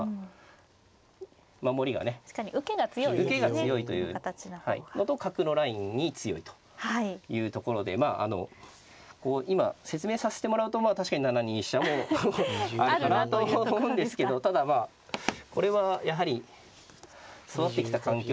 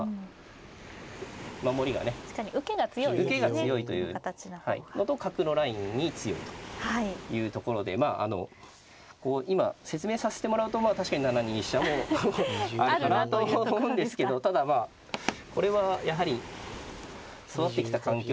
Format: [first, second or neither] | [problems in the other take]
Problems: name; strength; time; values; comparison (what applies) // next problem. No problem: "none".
first | background sound (Waves, surf); 17 dB below the speech